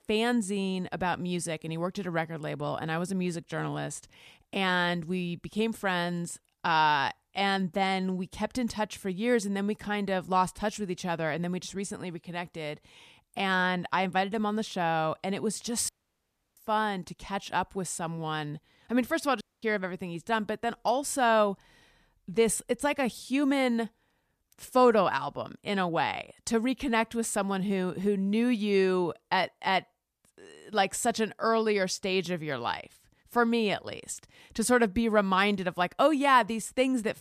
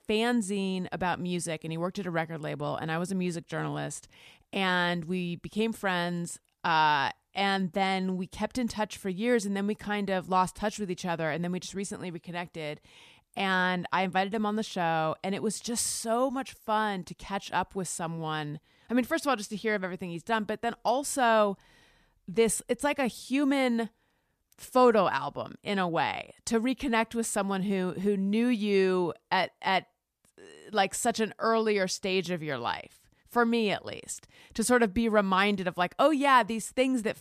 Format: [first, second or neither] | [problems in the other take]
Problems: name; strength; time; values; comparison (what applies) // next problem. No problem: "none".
second | audio cutting out; at 16 s for 0.5 s and at 19 s